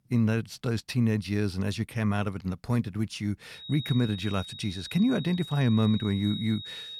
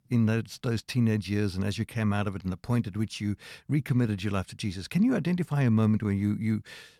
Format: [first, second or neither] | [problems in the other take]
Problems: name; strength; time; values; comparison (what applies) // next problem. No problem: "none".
second | high-pitched whine; noticeable; from 3.5 s on; 4 kHz, 10 dB below the speech